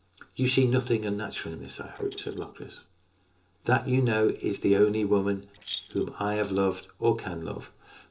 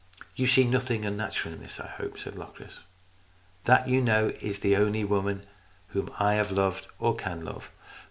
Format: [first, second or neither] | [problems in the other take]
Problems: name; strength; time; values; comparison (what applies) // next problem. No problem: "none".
second | noise reduction (neural separator model SepFormer DNS4)